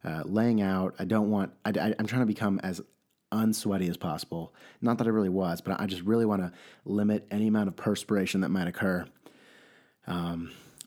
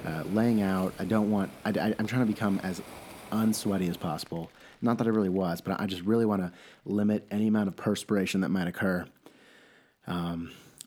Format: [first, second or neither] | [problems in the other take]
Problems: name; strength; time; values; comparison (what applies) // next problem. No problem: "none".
first | rain or running water; noticeable; throughout; 20 dB below the speech